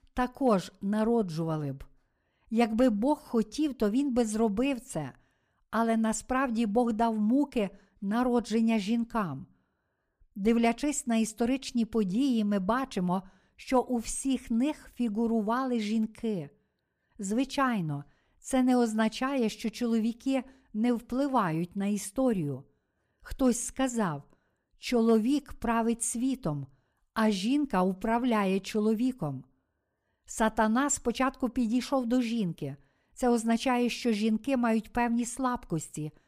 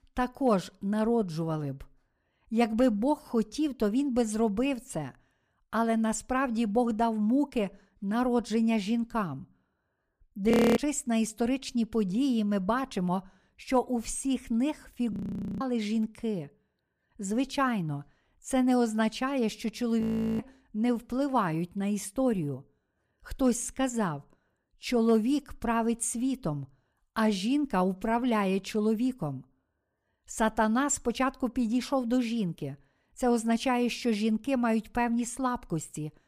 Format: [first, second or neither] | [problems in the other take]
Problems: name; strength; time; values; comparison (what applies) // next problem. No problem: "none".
first | audio freezing; at 11 s, at 15 s and at 20 s